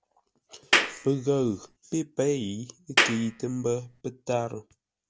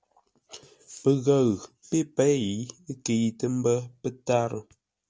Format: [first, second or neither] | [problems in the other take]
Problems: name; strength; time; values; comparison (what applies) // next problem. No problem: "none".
second | background sound (Clapping); 2 dB above the speech